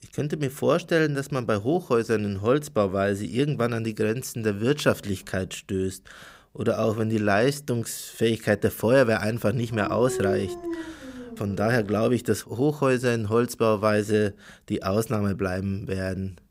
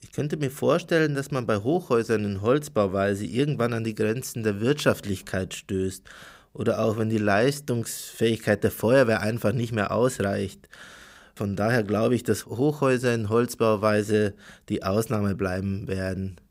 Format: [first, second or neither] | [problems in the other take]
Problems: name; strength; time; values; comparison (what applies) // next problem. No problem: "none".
second | dog barking; noticeable; from 9.5 to 12 s; peak 3 dB below the speech